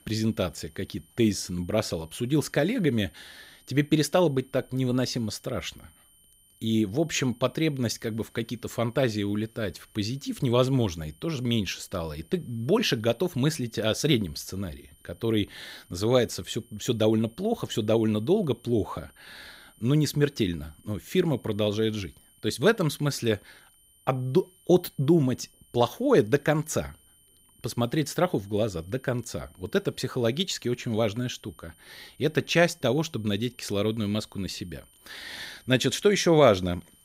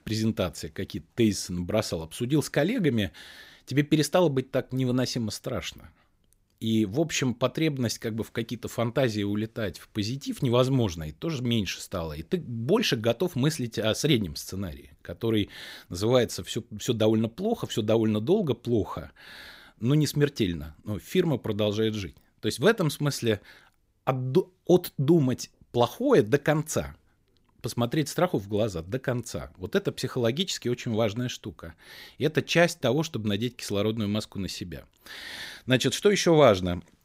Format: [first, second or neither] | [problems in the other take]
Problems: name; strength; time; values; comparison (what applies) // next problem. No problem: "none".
second | high-pitched whine; faint; throughout; 9 kHz, 30 dB below the speech